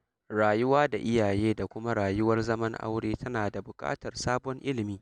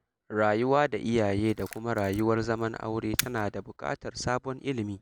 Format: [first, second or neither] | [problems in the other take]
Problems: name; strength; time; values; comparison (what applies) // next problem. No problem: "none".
first | background sound (Camera); 12 dB below the speech